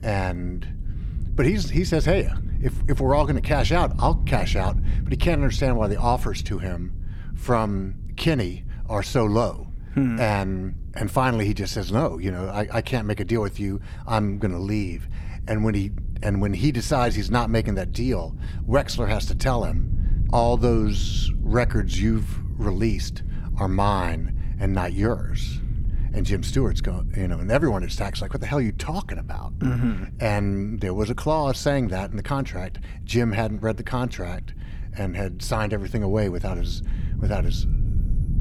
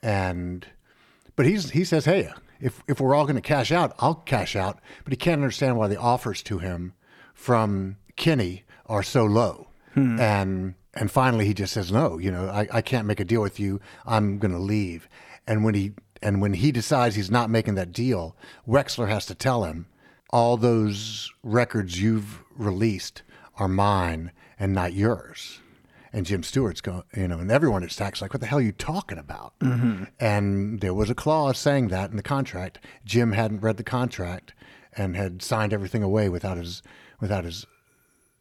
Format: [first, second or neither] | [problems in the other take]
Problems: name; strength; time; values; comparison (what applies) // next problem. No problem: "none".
second | low rumble; noticeable; throughout; 20 dB below the speech